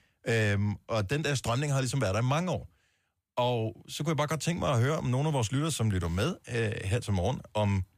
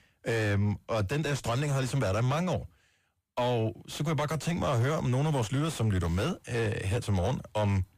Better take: first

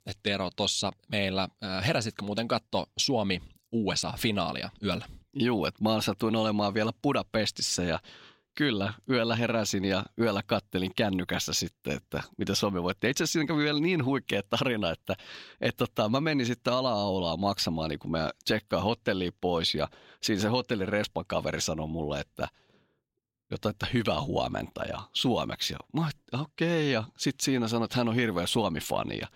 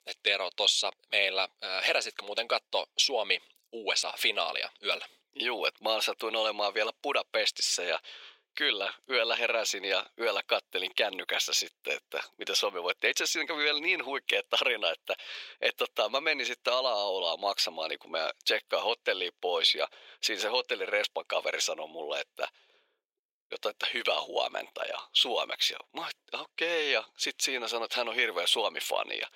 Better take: first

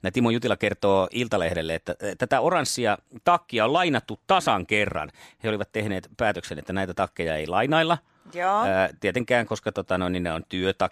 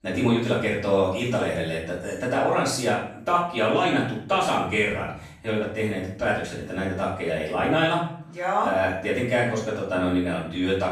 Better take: first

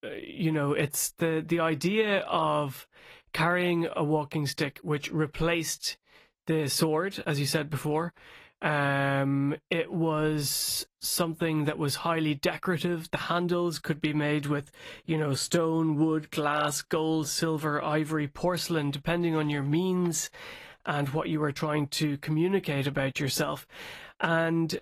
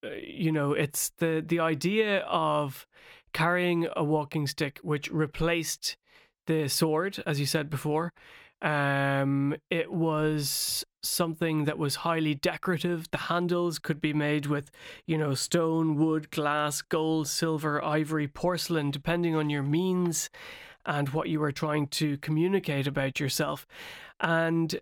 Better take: second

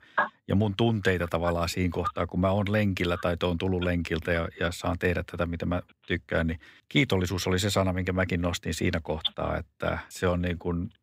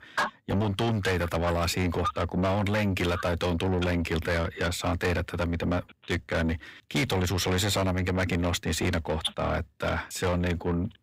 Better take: first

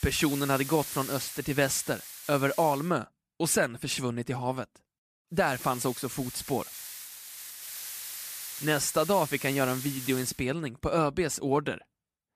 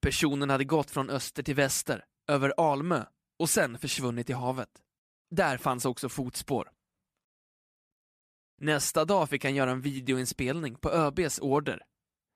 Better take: second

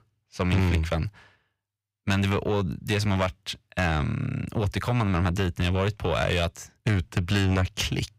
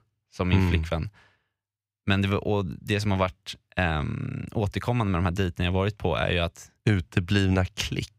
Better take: second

